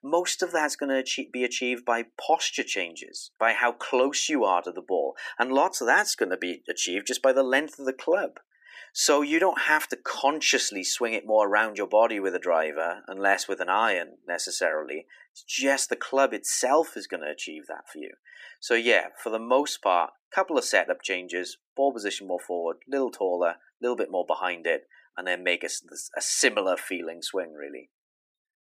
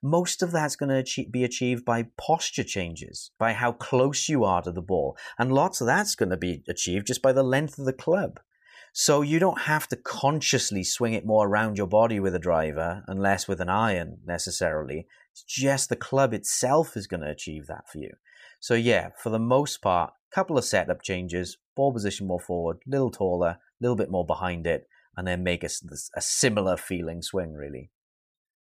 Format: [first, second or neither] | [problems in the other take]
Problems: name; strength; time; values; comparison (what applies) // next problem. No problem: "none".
second | thin; somewhat; fading below 300 Hz